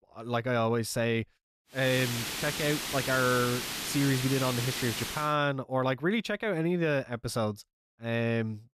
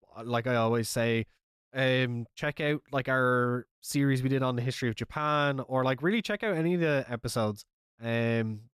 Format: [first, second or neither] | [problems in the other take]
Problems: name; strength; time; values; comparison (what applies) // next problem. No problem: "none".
second | hiss; loud; from 2 to 5 s; 4 dB below the speech